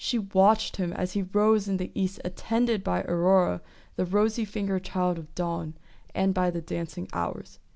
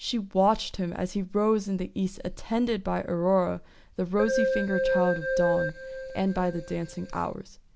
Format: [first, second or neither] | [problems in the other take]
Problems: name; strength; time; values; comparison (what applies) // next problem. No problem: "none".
first | background sound (Keyboard (musical)); 1 dB below the speech